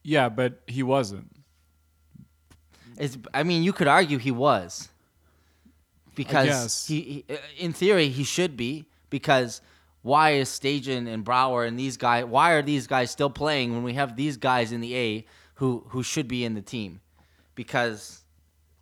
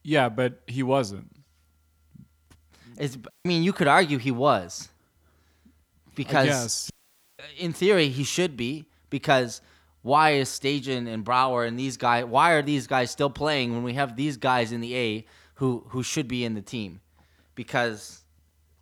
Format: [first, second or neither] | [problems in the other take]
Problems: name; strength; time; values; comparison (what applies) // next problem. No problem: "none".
first | audio cutting out; at 3.5 s and at 7 s